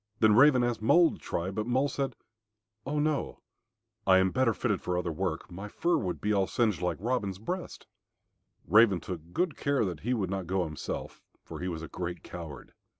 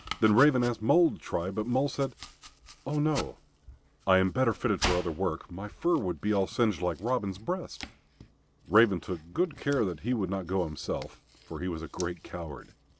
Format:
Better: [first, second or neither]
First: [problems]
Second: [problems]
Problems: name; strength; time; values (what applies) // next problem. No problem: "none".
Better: first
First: none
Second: background sound (Domestic sounds, home sounds); 15 dB below the speech